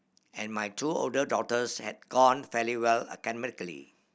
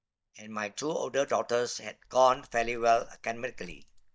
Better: first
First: none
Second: noise reduction (neural mask model DeepFilterNet 3)

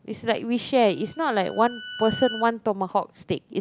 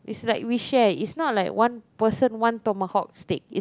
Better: second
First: background sound (Bowed string instrument); 16 dB below the speech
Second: none

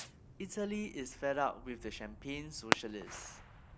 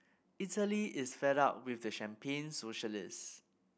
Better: second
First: background sound (Fireworks); 2 dB below the speech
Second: none

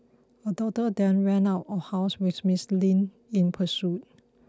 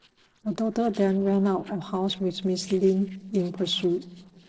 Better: first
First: none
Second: noise reduction (neural separator model SepFormer DNS4)

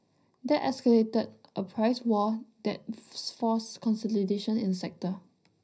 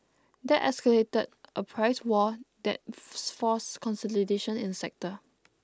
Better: second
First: room echo; dies away in 0.4 s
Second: none

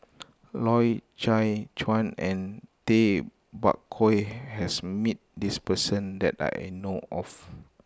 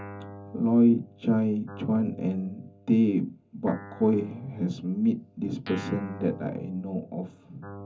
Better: first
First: none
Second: background sound (Guitar); 17 dB below the speech // room echo; dies away in 0.3 s

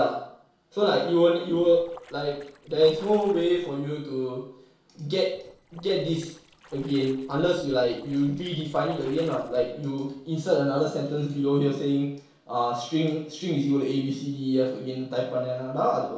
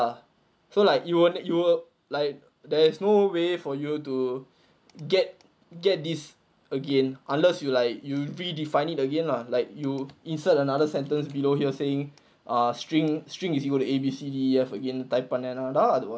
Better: second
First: noise reduction (neural separator model SepFormer DNS4)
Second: none

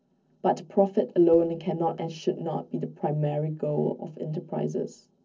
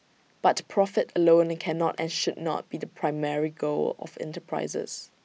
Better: second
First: noise reduction (neural separator model SepFormer DNS4)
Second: none

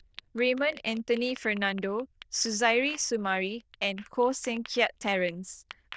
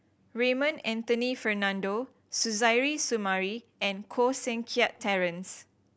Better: second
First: noise reduction (neural diffusion model UNIVERSE++)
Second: none

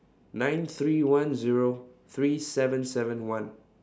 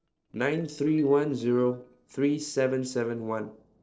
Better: first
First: none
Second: noise reduction (neural separator model SepFormer DNS4)

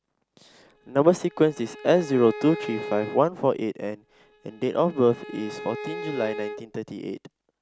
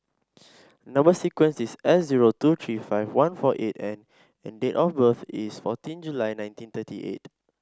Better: second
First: background sound (Bowed string instrument); 13 dB below the speech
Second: none

